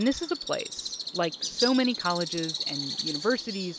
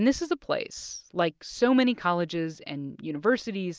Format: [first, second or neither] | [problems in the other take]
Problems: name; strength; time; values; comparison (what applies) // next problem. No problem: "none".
second | background sound (Bird); 5 dB below the speech